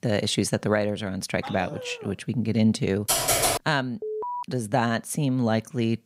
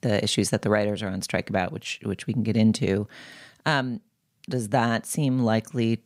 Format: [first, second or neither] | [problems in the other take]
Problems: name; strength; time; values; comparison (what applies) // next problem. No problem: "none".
second | dog barking; faint; at 1.5 s; peak 10 dB below the speech // keyboard typing; loud; at 3 s; peak 5 dB above the speech // alarm; noticeable; at 4 s; peak 5 dB below the speech